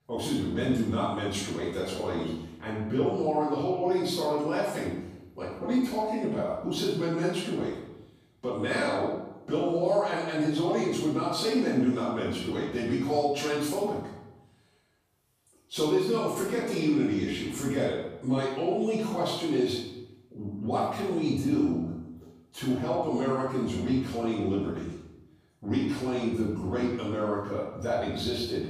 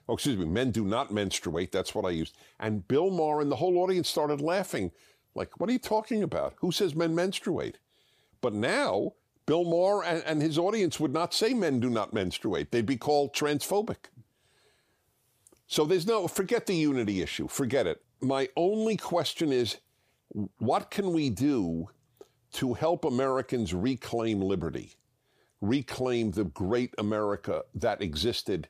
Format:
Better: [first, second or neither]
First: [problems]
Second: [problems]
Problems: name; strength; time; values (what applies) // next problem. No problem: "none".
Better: second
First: room echo; strong; dies away in 0.8 s // off-mic speech; far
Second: none